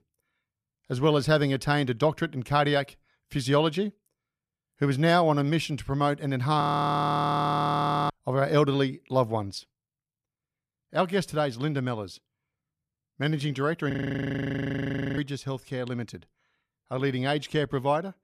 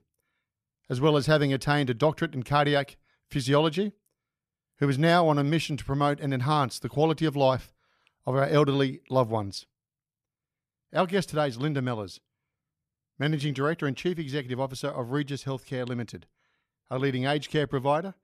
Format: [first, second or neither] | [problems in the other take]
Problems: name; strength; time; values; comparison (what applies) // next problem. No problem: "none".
second | audio freezing; at 6.5 s for 1.5 s and at 14 s for 1.5 s